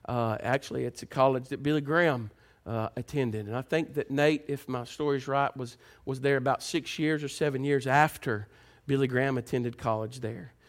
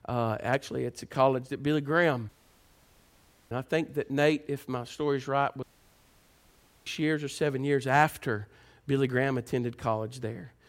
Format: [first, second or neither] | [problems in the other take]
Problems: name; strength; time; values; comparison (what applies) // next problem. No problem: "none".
first | audio cutting out; at 2.5 s for 1 s and at 5.5 s for 1 s